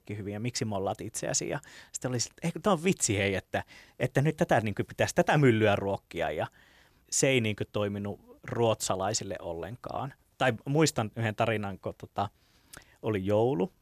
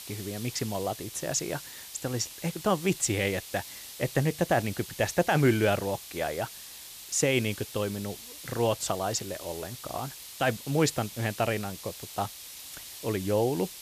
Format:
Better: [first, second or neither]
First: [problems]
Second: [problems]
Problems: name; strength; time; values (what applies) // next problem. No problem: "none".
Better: first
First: none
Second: hiss; noticeable; throughout; 10 dB below the speech